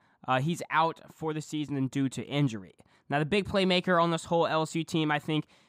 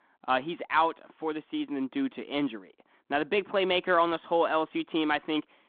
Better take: first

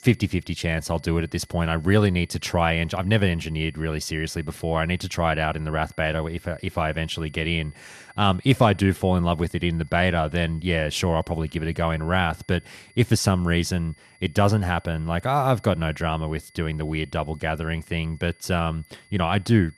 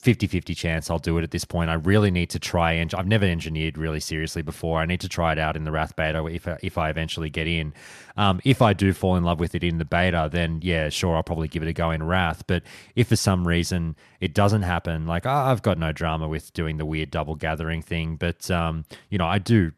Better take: second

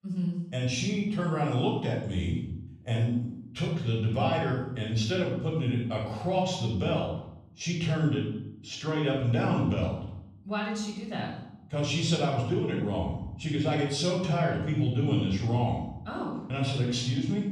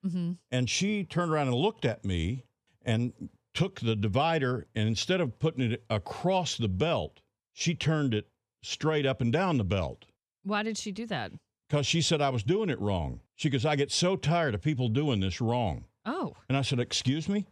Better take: second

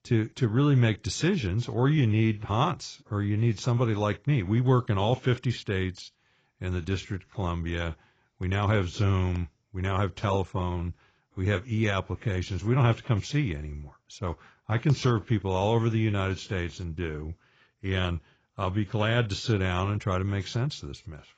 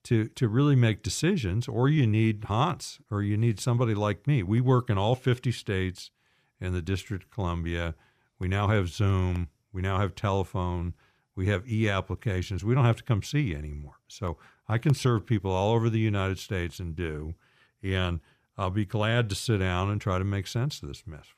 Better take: second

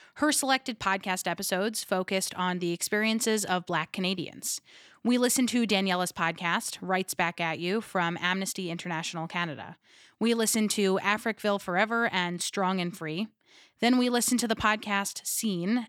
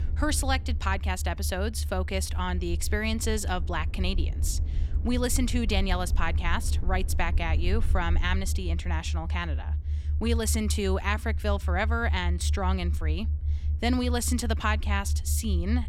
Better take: first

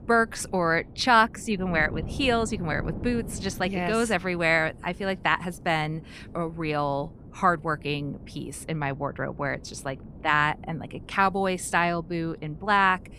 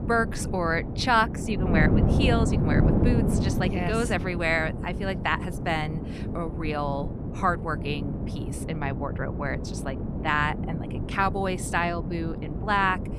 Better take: first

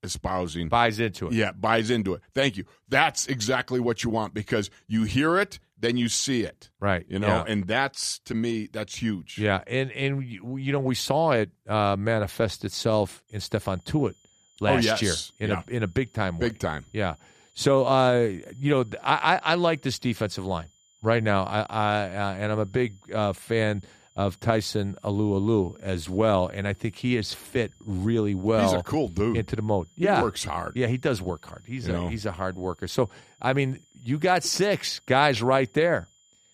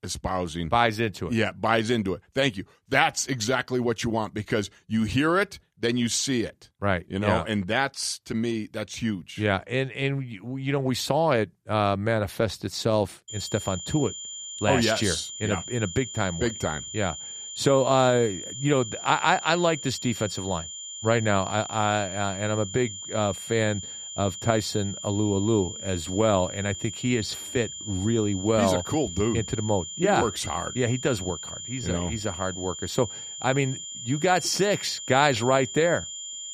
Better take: first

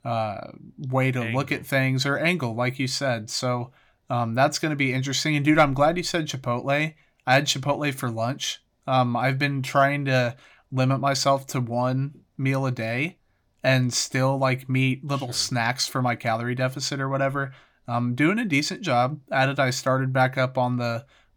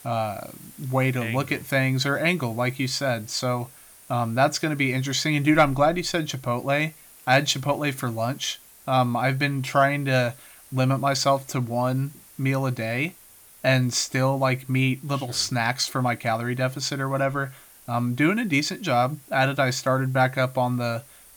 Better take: first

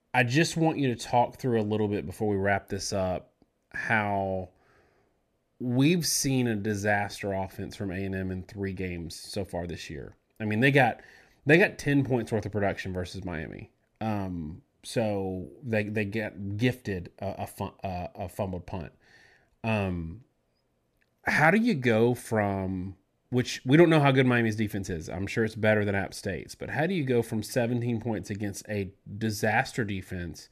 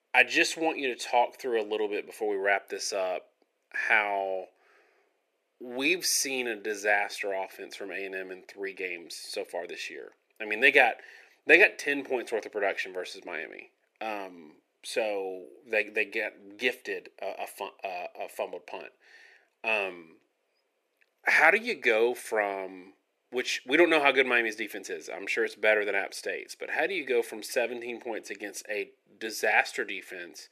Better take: first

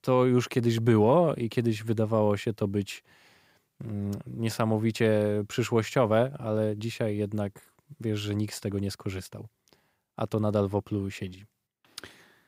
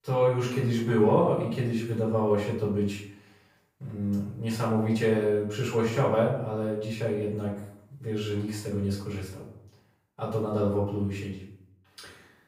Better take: first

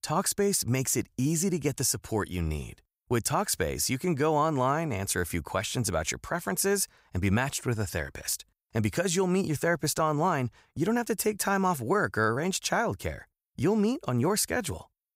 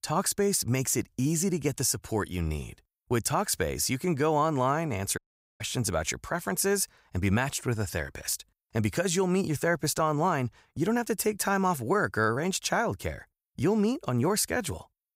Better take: first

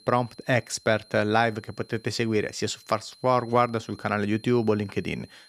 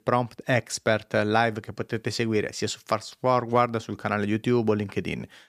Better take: second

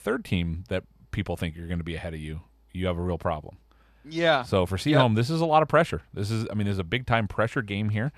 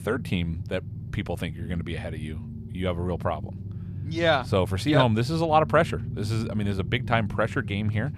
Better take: first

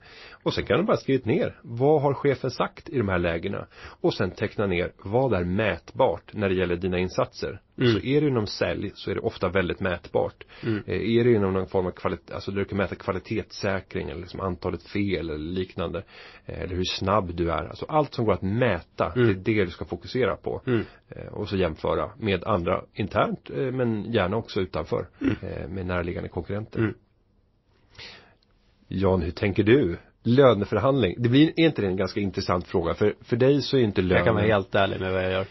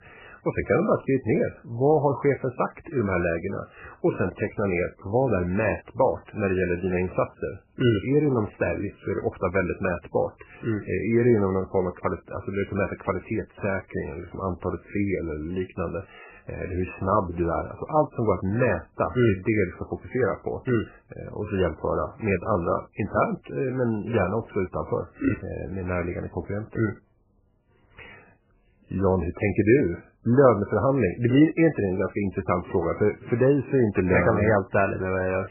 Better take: first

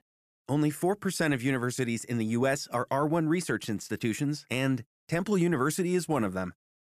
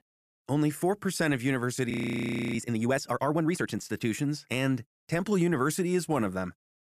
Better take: first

